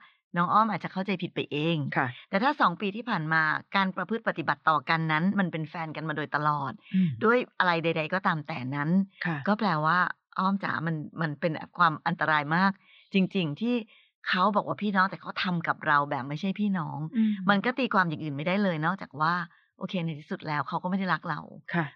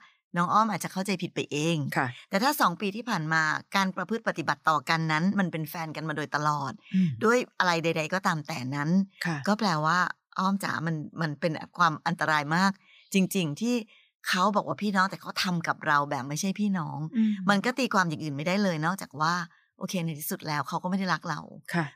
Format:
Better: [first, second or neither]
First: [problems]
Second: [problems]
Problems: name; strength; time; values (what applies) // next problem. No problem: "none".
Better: second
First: muffled; slightly; fading above 4 kHz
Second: none